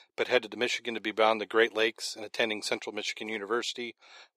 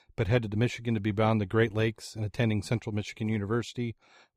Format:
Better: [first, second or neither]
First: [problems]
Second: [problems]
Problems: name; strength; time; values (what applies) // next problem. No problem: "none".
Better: second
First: thin; very; fading below 400 Hz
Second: none